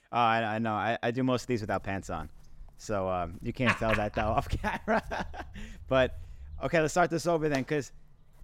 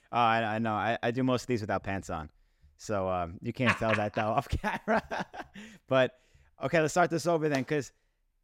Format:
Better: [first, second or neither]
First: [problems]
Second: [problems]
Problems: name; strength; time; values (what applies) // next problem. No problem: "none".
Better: second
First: footsteps; faint; from 1.5 s on; peak 10 dB below the speech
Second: none